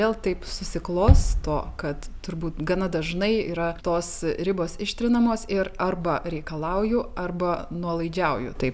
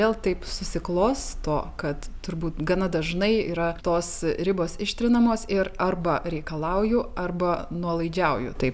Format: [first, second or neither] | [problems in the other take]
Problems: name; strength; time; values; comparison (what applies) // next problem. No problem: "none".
second | background sound (Bass drum); 1 dB below the speech